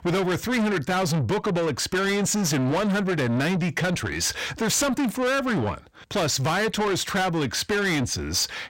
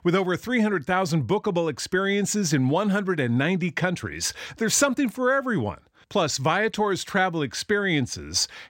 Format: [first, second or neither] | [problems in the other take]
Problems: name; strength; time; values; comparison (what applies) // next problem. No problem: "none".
second | distortion; heavy; 7 dB below the speech